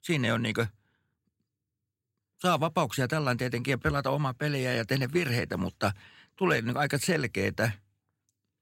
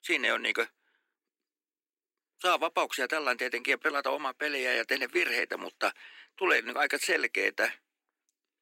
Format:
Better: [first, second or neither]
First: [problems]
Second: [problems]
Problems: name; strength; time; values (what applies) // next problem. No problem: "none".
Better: first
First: none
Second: thin; very; fading below 300 Hz